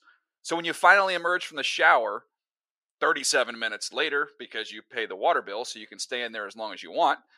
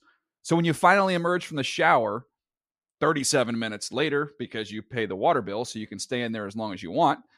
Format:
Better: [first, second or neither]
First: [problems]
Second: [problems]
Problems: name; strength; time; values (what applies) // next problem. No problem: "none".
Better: second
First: thin; very; fading below 550 Hz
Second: none